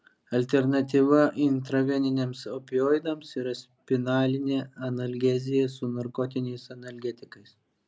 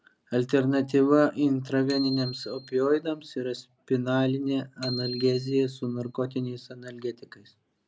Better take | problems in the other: first | background sound (Bicycle bell); 16 dB below the speech

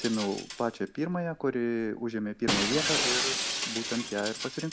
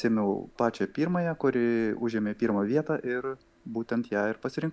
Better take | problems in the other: second | background sound (Shatter); 2 dB below the speech

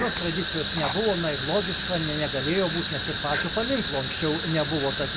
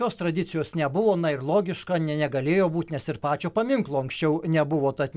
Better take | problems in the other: second | background sound (Fire); 2 dB below the speech

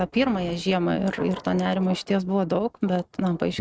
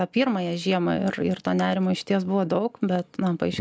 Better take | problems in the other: second | noise reduction (neural mask model RNNoise)

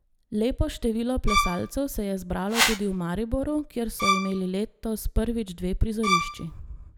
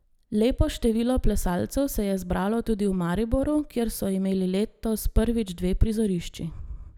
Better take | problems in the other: second | background sound (Bowed string instrument + Whoosh, swoosh, swish); 1 dB above the speech

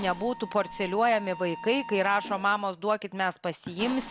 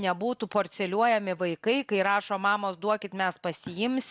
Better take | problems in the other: second | background sound (Mechanisms); 14 dB below the speech

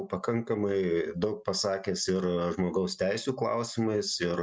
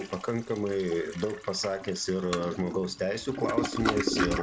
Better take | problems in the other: first | background sound (Toilet flush); 4 dB below the speech

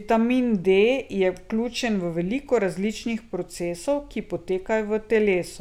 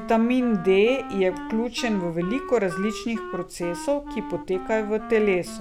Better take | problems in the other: first | background sound (Wind instrument, woodwind instrument); 12 dB below the speech

